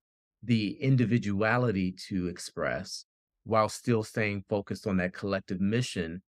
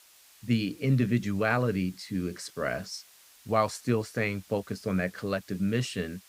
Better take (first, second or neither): first